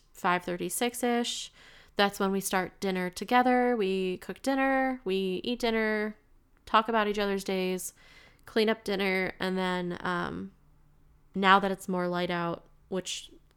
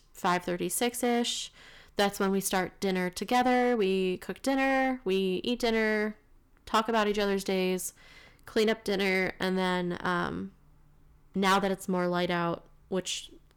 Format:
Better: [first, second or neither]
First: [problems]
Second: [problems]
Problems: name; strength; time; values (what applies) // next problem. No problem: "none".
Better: first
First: none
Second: distortion; slight; 3% of the sound clipped